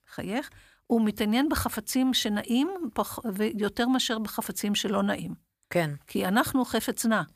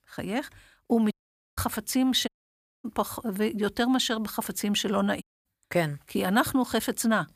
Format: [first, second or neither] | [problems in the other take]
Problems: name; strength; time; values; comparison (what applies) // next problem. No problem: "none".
first | audio cutting out; at 1 s, at 2.5 s for 0.5 s and at 5 s